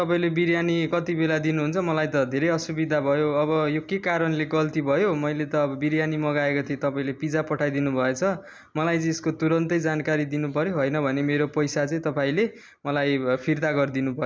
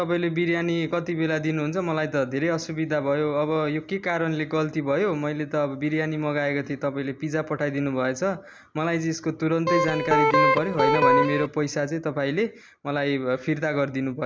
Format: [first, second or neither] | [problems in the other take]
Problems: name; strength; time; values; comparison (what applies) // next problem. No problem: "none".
first | background sound (Electric guitar); 4 dB above the speech